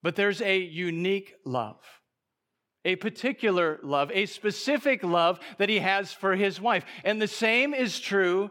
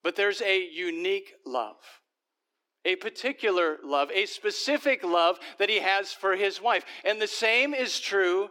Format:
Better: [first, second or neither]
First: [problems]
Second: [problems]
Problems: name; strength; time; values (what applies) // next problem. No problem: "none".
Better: first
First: none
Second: thin; somewhat; fading below 300 Hz